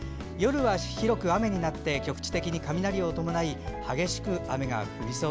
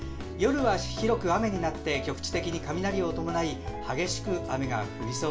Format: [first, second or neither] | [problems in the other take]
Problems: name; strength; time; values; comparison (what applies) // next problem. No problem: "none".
first | room echo; dies away in 0.3 s